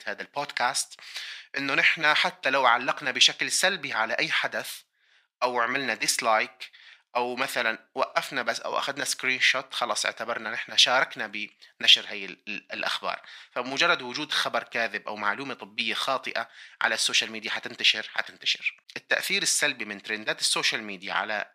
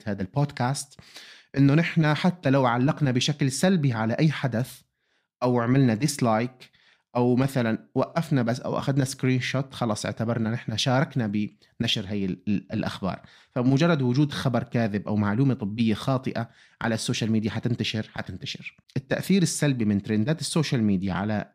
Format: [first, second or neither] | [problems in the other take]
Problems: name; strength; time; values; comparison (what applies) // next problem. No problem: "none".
second | thin; very; fading below 800 Hz